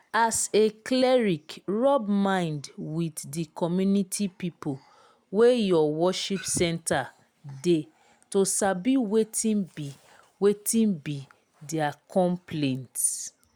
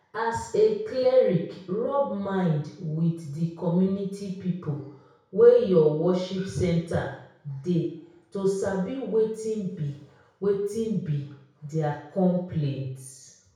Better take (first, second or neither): first